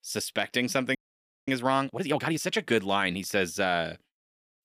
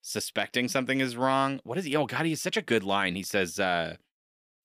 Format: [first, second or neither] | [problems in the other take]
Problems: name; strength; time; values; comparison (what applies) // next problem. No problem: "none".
second | audio freezing; at 1 s for 0.5 s